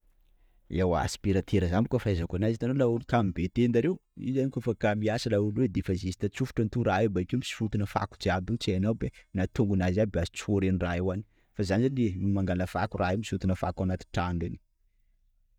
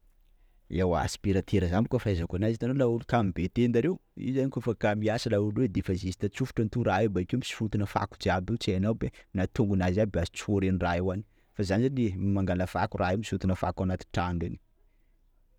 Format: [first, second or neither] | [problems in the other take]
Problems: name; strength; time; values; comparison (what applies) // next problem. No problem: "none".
second | noise reduction (neural mask model DeepFilterNet 3)